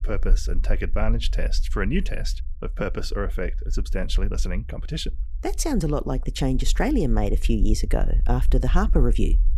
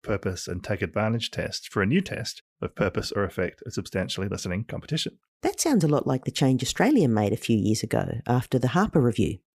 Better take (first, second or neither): second